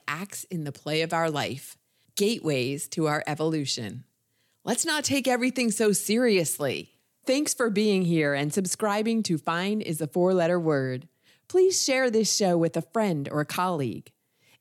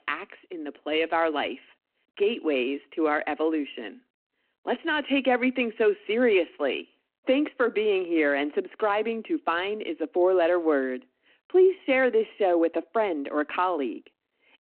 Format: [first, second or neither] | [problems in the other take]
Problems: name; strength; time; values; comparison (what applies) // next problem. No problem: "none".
first | phone-call audio